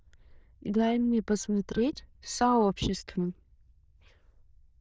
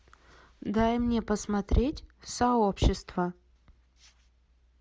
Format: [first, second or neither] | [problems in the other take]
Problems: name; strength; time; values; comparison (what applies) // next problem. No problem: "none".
second | noise reduction (neural diffusion model UNIVERSE++)